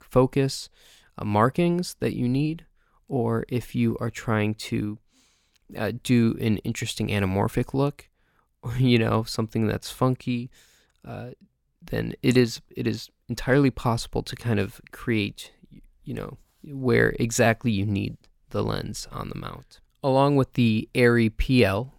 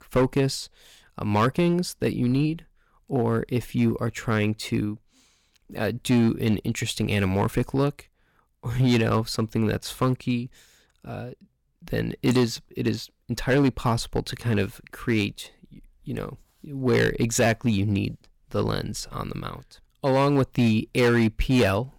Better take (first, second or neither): first